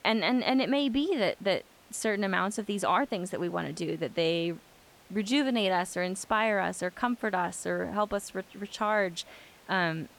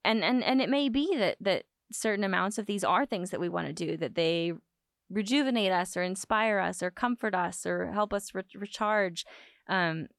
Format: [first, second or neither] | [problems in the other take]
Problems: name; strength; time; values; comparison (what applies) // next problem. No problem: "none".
second | hiss; faint; throughout; 25 dB below the speech